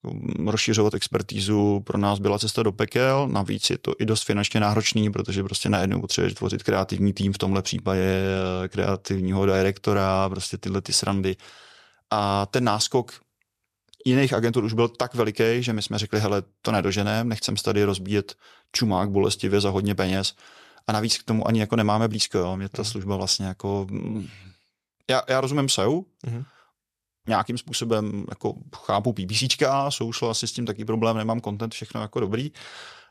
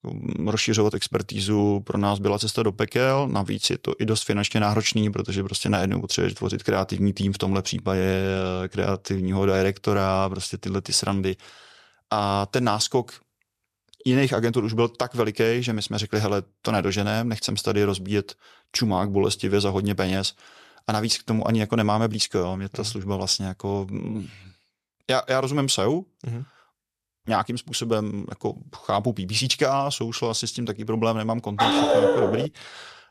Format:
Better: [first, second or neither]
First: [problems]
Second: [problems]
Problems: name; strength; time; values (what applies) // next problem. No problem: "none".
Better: first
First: none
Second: dog barking; loud; at 32 s; peak 6 dB above the speech